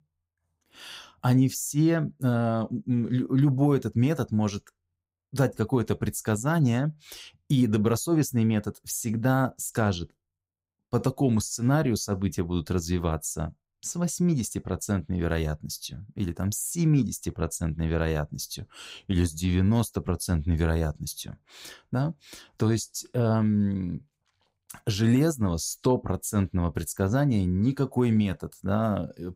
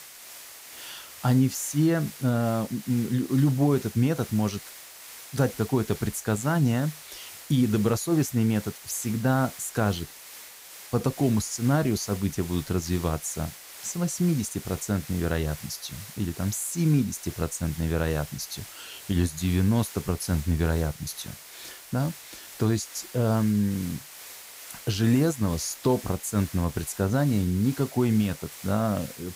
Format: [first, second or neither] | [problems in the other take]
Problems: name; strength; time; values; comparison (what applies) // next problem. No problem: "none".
first | hiss; noticeable; throughout; 15 dB below the speech